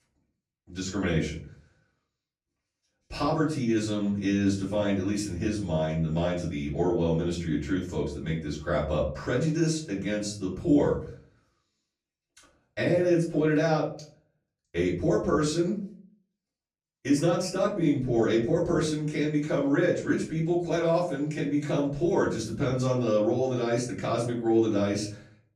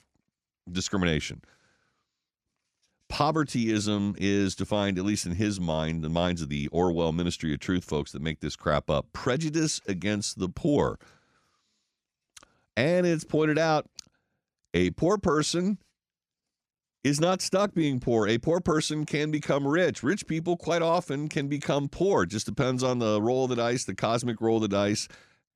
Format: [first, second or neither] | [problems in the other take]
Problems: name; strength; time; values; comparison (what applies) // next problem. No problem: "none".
second | off-mic speech; far // room echo; slight; dies away in 0.4 s